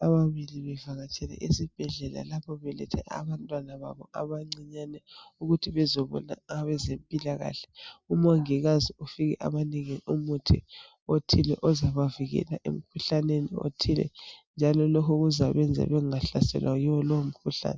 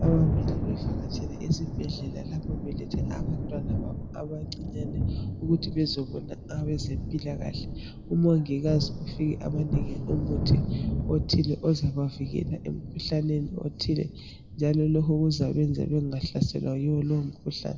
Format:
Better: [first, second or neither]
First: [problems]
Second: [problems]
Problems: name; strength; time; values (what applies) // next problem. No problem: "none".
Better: first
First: none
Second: background sound (Thunder); 4 dB below the speech // room echo; dies away in 0.7 s